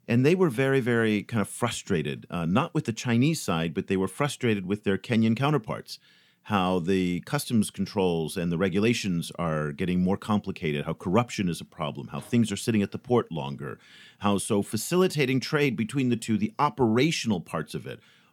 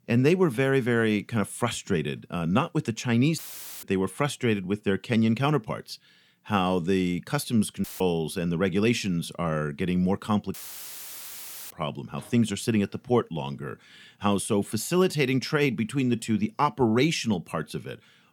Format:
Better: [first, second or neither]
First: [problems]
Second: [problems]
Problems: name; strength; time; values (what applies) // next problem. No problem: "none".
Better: first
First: none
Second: audio cutting out; filled with static; at 3.5 s, at 8 s and at 11 s for 1 s